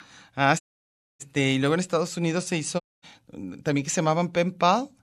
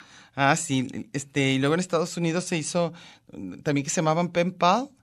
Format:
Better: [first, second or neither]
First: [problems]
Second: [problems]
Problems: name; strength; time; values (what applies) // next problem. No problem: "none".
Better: second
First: audio cutting out; at 0.5 s for 0.5 s and at 3 s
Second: none